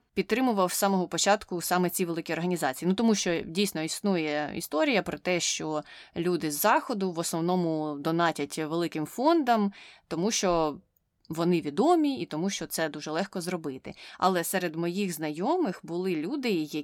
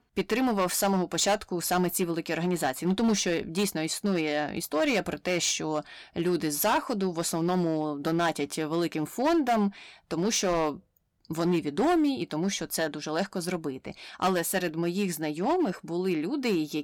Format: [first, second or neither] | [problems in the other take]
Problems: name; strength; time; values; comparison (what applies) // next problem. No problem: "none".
first | distortion; slight; 6% of the sound clipped